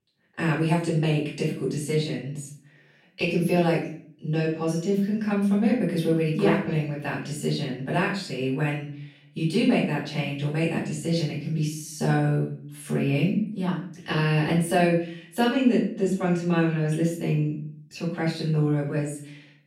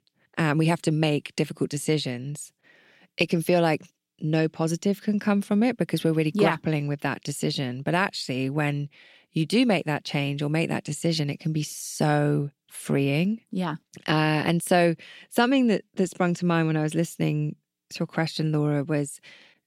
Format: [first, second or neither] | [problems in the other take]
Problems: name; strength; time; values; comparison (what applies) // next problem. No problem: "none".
second | off-mic speech; far // room echo; noticeable; dies away in 0.5 s